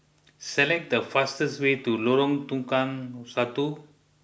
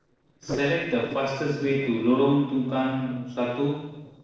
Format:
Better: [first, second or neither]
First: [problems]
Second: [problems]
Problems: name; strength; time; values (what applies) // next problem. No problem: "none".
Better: first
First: none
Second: noise reduction (neural separator model SepFormer DNS4)